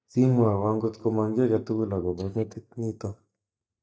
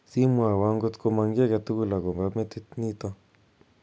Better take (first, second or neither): second